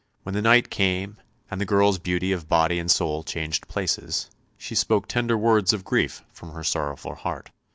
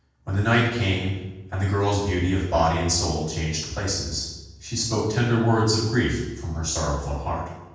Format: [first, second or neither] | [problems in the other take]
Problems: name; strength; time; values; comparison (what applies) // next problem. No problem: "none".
first | room echo; dies away in 1.2 s